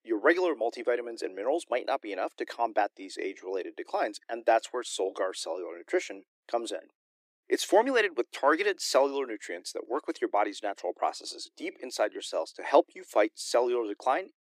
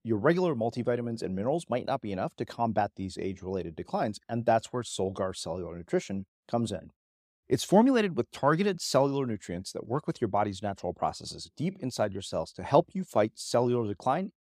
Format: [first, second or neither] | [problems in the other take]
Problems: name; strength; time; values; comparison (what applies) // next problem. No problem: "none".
second | thin; somewhat; fading below 300 Hz